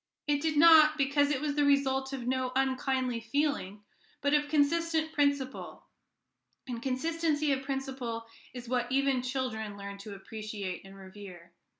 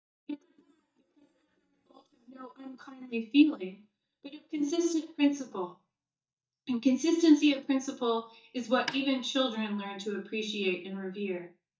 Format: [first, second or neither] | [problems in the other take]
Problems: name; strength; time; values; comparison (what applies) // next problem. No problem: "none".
first | noise reduction (neural mask model DeepFilterNet 3)